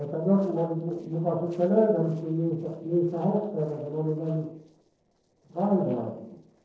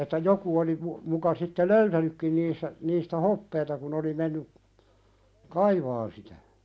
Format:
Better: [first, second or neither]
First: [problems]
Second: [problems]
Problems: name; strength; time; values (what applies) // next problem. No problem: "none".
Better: second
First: noise reduction (neural separator model SepFormer DNS4)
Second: none